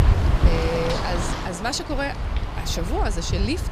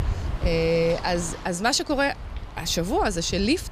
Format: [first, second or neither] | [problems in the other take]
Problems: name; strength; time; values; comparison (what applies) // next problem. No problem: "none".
second | wind noise on the microphone; heavy; 3 dB below the speech; occasional gusts in the second